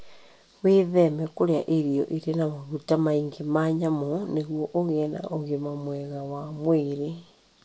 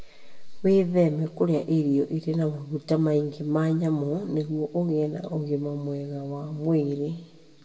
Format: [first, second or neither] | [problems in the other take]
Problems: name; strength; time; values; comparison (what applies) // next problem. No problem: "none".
first | room echo; dies away in 1 s